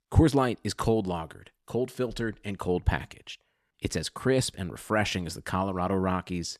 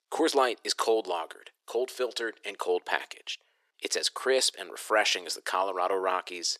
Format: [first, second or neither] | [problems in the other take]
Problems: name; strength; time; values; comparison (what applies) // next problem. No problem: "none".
first | thin; very; fading below 400 Hz